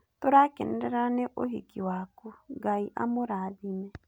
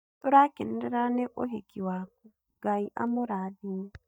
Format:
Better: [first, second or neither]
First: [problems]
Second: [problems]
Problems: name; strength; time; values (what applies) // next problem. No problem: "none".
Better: first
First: none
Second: noise reduction (neural mask model DeepFilterNet 3)